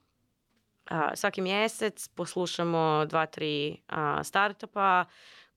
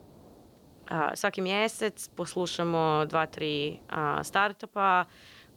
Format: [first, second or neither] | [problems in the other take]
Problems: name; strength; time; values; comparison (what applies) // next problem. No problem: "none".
first | hiss; faint; throughout; 25 dB below the speech